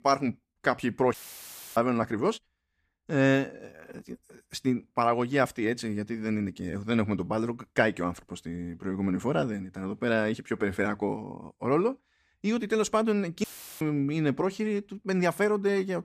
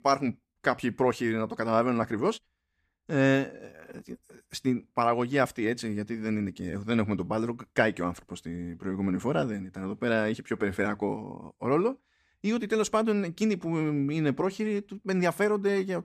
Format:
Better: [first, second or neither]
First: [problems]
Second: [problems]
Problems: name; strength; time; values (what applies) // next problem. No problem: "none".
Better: second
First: audio cutting out; filled with static; at 1 s for 0.5 s and at 13 s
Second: none